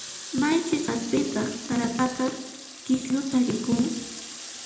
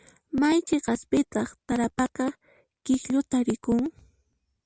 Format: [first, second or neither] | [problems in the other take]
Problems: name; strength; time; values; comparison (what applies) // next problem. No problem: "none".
second | background sound (Water tap, faucet); 13 dB below the speech // room echo; dies away in 0.8 s